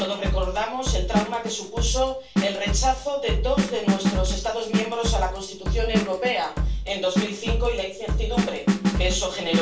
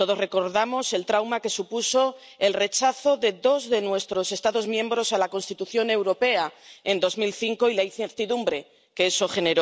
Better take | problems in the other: second | background sound (Drum kit); 2 dB above the speech // room echo; dies away in 0.3 s

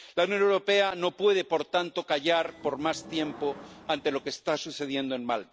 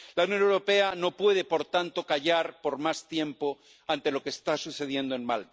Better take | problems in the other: second | background sound (Subway, metro, underground / Sliding door); 18 dB below the speech

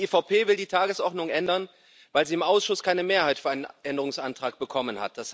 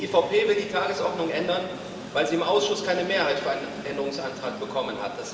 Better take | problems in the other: first | background sound (Train); 14 dB below the speech // room echo; dies away in 2.4 s

